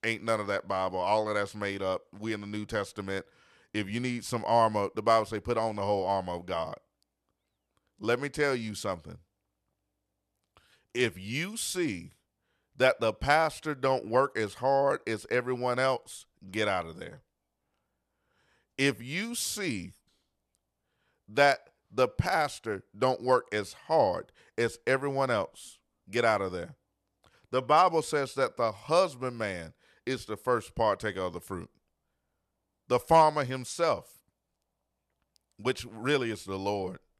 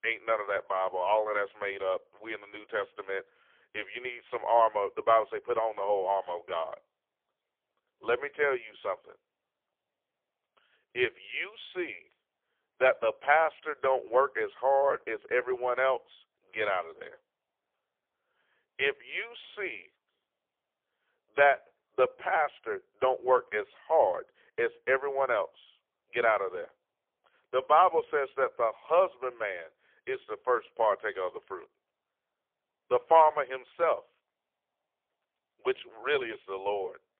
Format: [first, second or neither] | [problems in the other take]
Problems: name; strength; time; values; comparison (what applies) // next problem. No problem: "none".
first | phone-call audio; poor line; nothing above 3.5 kHz